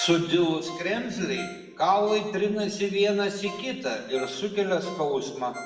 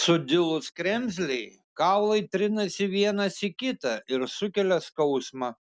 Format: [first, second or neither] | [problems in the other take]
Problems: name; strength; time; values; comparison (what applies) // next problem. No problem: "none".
second | background sound (Ringtone); 18 dB below the speech // room echo; dies away in 1.1 s